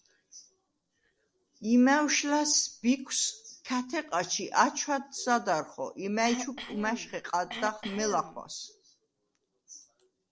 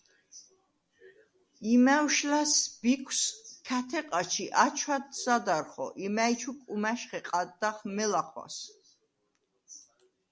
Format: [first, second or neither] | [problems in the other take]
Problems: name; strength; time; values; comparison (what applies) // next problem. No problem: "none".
second | noise reduction (neural separator model SepFormer DNS4)